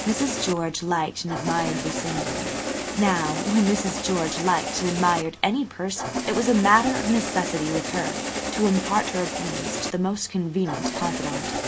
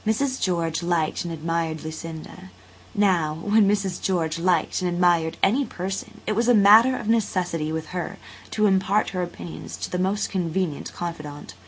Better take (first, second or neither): second